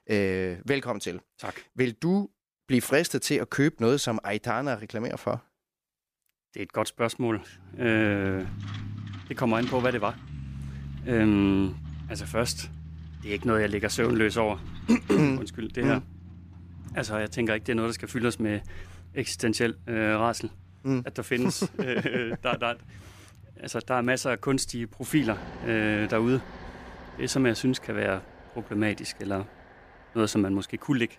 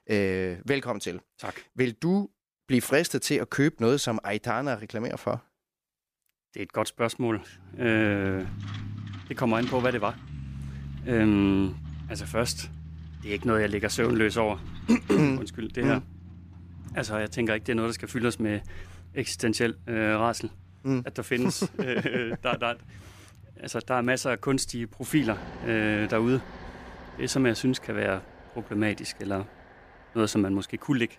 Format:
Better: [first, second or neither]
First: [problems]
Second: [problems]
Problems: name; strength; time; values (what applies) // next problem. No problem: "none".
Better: neither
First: traffic noise; noticeable; from 8 s on; 15 dB below the speech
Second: traffic noise; noticeable; from 8 s on; 15 dB below the speech